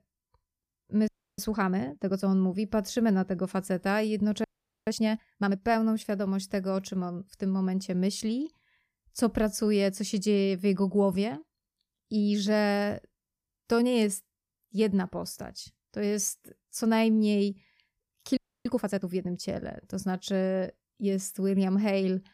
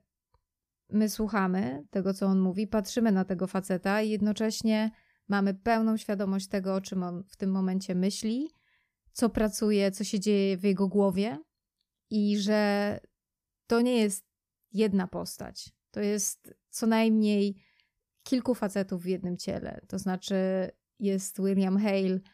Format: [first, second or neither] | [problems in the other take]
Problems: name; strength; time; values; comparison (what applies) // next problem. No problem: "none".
second | audio freezing; at 1 s, at 4.5 s and at 18 s